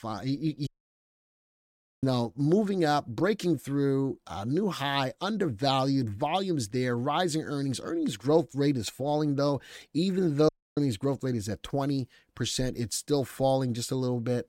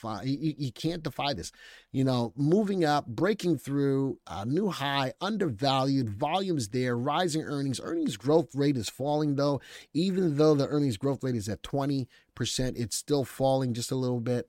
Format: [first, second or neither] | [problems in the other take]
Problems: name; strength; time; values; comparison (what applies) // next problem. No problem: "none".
second | audio cutting out; at 0.5 s for 1.5 s and at 10 s